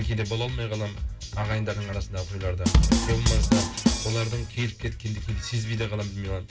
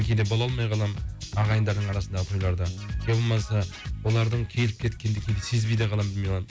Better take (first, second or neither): second